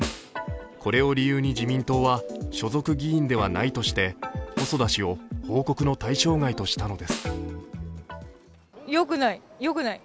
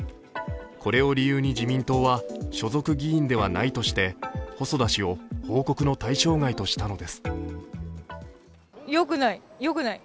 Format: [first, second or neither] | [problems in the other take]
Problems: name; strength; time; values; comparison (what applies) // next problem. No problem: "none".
second | background sound (Snare drum); 12 dB below the speech